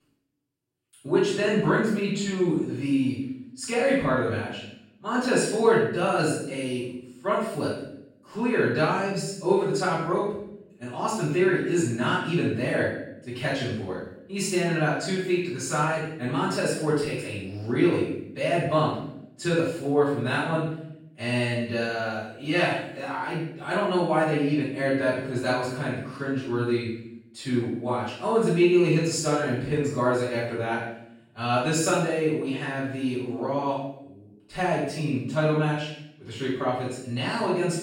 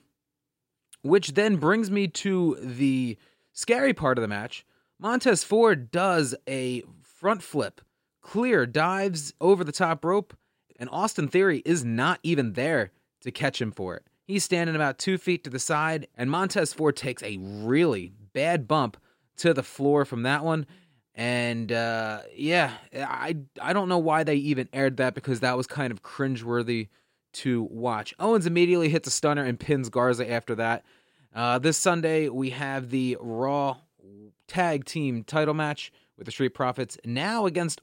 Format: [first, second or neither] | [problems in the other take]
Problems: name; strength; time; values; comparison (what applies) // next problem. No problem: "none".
second | room echo; noticeable; dies away in 0.6 s // off-mic speech; far